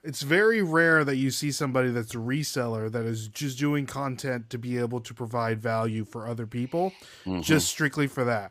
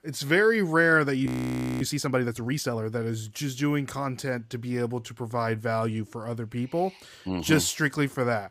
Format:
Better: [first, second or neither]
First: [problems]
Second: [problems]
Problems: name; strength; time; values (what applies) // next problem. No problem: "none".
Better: first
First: none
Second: audio freezing; at 1.5 s for 0.5 s